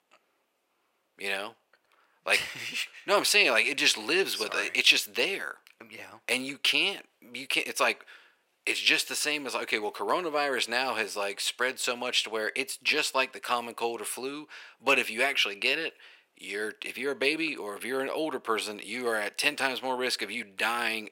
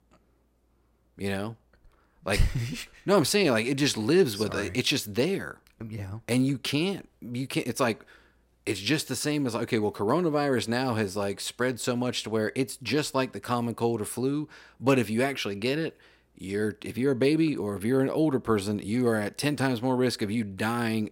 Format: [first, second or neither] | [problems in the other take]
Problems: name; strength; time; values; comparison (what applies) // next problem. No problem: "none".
second | thin; very; fading below 600 Hz